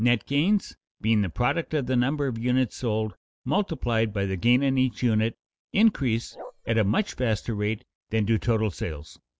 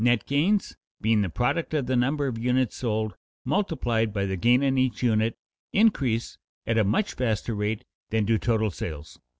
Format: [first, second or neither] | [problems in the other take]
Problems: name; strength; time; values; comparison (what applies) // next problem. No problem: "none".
second | noise reduction (neural mask model Resemble Enhance denoiser)